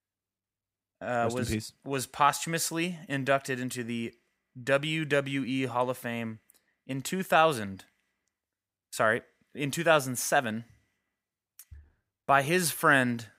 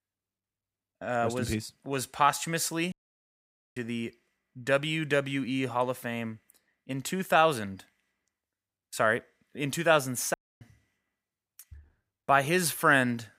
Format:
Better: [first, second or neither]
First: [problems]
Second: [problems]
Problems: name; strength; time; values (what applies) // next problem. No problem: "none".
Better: first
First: none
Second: audio cutting out; at 3 s for 1 s and at 10 s